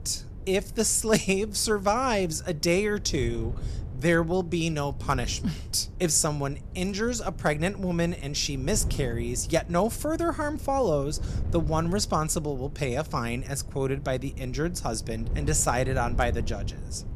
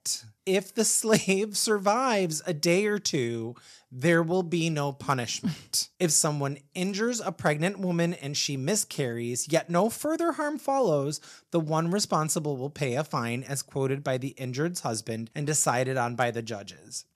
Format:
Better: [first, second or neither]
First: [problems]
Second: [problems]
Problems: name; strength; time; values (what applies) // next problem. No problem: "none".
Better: second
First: wind noise on the microphone; occasional gusts; 20 dB below the speech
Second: none